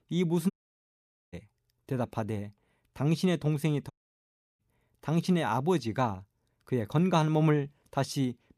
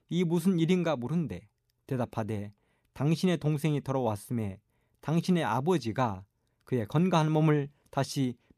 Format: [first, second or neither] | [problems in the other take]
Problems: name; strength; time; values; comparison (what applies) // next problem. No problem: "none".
second | audio cutting out; at 0.5 s for 1 s and at 4 s for 0.5 s